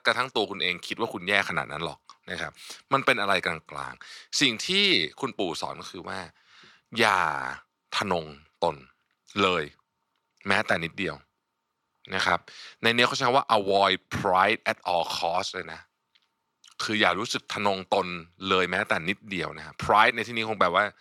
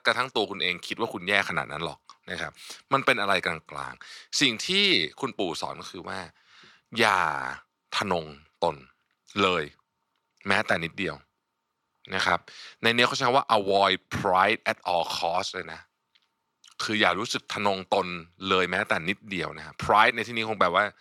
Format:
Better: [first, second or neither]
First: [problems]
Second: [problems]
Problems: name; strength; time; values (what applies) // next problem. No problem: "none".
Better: neither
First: thin; somewhat; fading below 850 Hz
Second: thin; somewhat; fading below 850 Hz